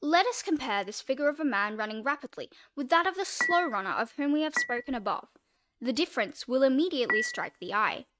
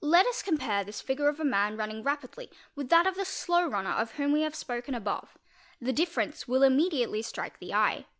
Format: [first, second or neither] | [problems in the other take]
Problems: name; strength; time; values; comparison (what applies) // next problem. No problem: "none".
second | noise reduction (neural mask model RNNoise)